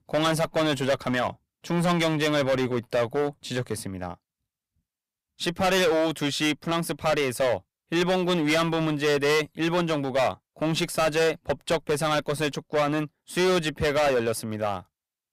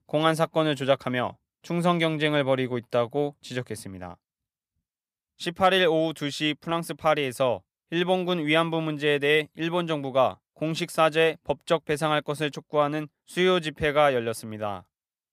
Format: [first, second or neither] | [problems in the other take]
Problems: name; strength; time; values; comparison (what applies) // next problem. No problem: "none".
second | distortion; heavy; 14% of the sound clipped